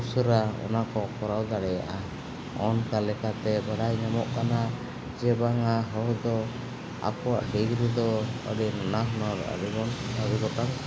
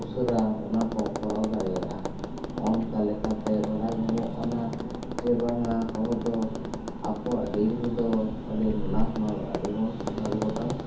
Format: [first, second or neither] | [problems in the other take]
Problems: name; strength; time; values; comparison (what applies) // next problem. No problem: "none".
first | background sound (Tap); 6 dB below the speech // room echo; dies away in 0.5 s